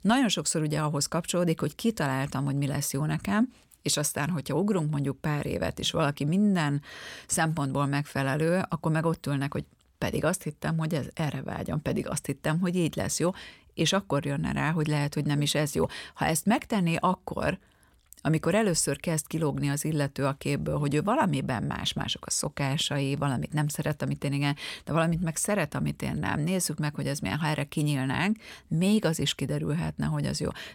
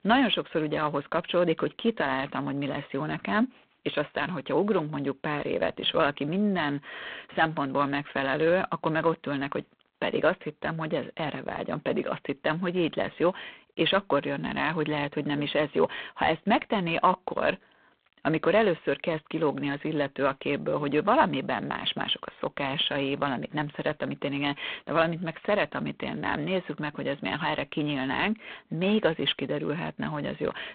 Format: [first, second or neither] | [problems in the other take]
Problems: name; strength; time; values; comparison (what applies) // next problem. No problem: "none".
first | phone-call audio; poor line